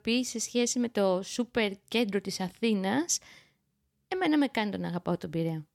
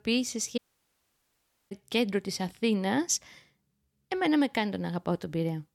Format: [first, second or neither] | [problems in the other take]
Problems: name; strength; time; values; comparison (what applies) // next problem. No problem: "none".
first | audio cutting out; at 0.5 s for 1 s